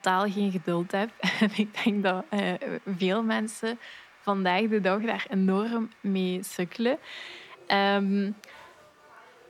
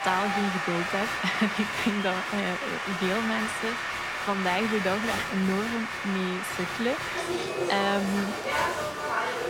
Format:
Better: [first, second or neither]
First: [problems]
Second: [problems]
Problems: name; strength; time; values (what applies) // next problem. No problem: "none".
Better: first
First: crowd noise; faint; throughout; 25 dB below the speech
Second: crowd noise; loud; throughout; as loud as the speech